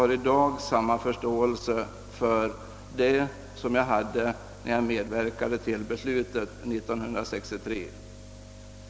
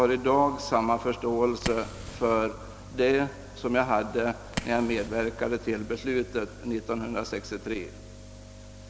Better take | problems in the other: first | background sound (Fire); 14 dB below the speech

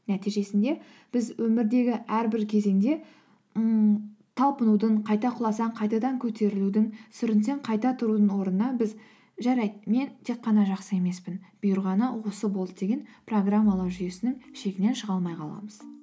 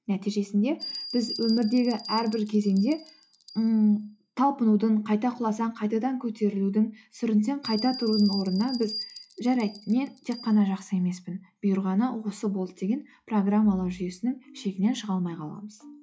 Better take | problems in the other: first | noise reduction (classical method log-MMSE)

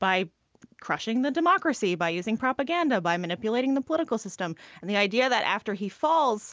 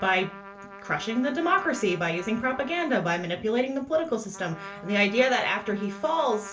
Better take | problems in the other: first | background sound (Trumpet); 17 dB below the speech // room echo; dies away in 0.3 s

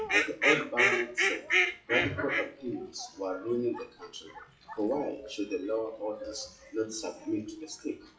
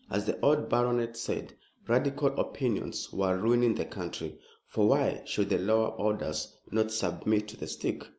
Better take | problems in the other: second | noise reduction (classical method WPE with log-MMSE)

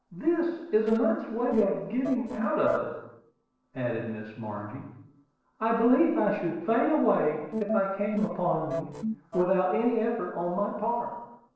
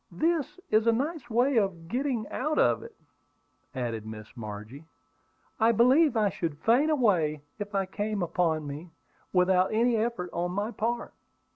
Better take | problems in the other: second | noise reduction (neural separator model SepFormer DNS4)

